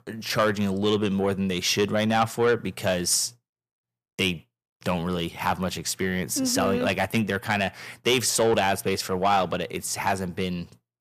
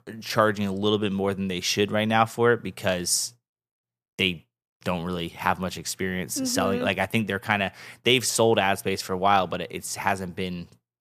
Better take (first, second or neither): second